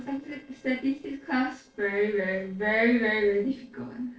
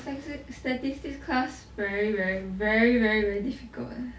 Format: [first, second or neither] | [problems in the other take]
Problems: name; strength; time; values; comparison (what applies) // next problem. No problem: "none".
second | noise reduction (neural separator model SepFormer DNS4)